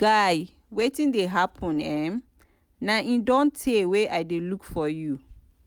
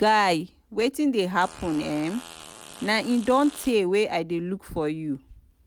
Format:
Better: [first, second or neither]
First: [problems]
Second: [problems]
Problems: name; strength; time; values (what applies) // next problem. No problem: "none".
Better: first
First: none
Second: background sound (Fart); 19 dB below the speech